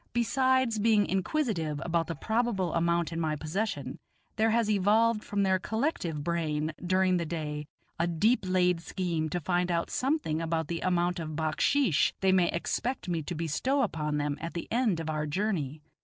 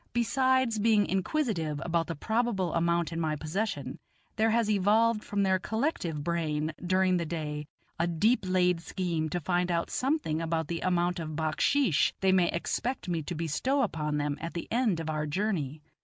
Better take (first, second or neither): second